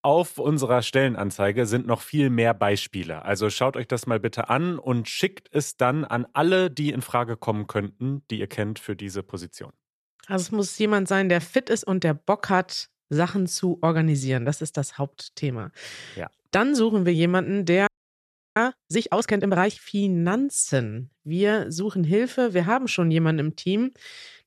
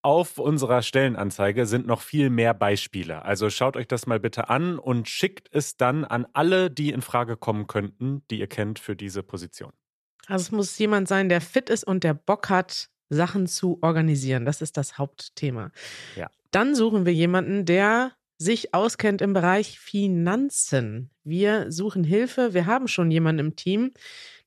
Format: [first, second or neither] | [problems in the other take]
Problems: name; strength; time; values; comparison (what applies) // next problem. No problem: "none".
second | audio freezing; at 18 s for 0.5 s